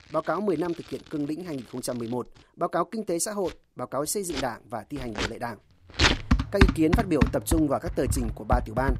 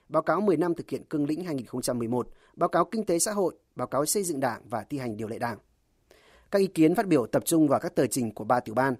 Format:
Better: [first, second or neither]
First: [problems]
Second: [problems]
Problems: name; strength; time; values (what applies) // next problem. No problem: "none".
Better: second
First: household noises; very loud; throughout; 2 dB above the speech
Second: none